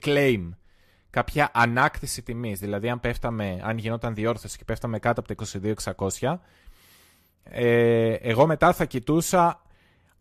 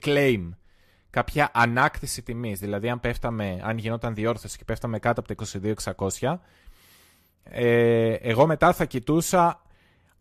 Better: neither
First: none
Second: none

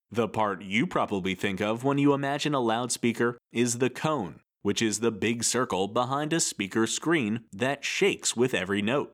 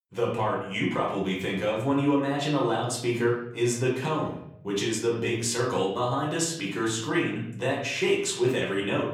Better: first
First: none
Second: off-mic speech; far // room echo; noticeable; dies away in 0.7 s

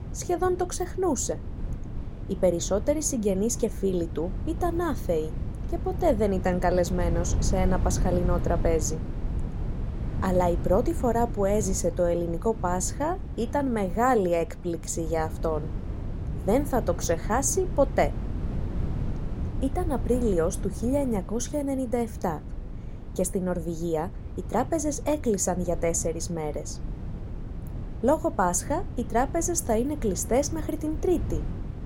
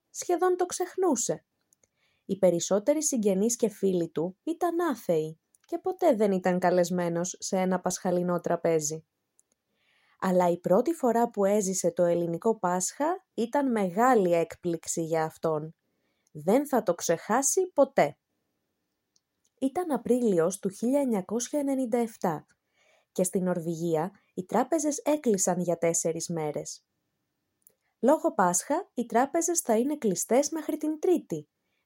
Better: second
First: wind noise on the microphone; occasional gusts; 15 dB below the speech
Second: none

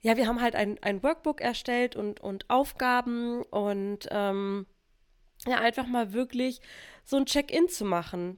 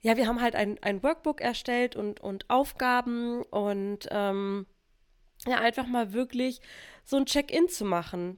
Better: neither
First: none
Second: none

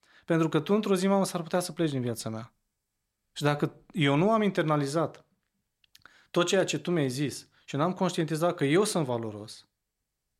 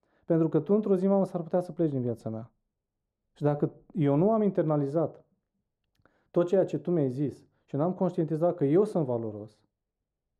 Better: first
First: none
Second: muffled; very; fading above 1.5 kHz

